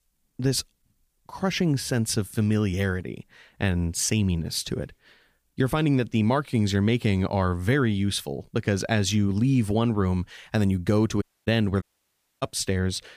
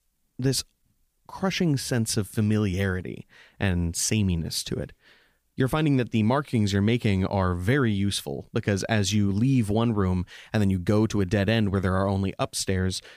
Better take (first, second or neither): second